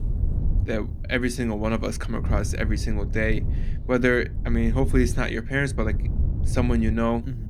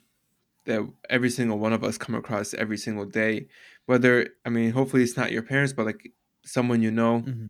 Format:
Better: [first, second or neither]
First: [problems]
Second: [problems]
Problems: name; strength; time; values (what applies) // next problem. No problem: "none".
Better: second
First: wind noise on the microphone; occasional gusts; 15 dB below the speech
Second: none